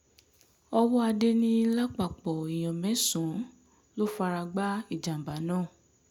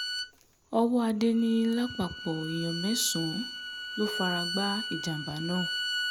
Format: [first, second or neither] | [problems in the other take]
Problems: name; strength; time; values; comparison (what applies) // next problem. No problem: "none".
first | background sound (Bowed string instrument); 6 dB below the speech